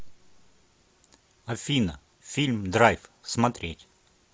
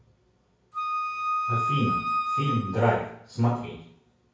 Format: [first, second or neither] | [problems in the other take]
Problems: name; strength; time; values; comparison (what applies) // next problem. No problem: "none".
first | background sound (Wind instrument, woodwind instrument); 1 dB above the speech // room echo; dies away in 0.6 s